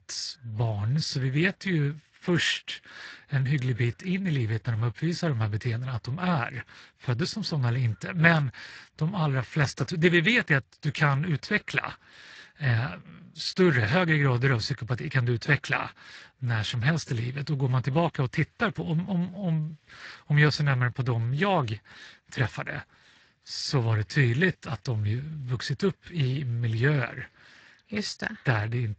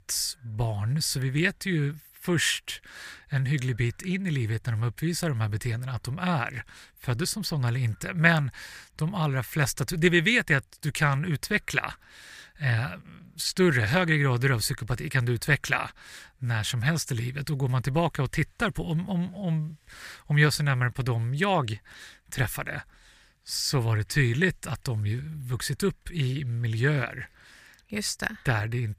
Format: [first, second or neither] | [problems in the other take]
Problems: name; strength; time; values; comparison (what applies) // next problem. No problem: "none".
second | garbled, watery; slightly; nothing above 8 kHz